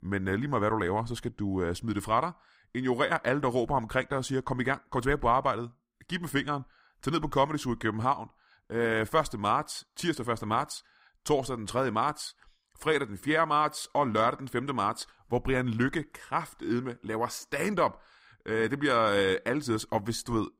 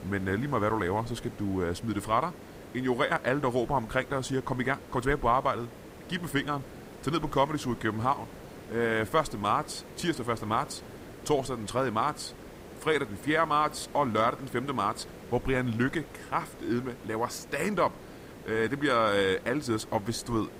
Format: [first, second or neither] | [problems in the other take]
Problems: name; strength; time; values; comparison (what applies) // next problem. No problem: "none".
first | hiss; noticeable; throughout; 15 dB below the speech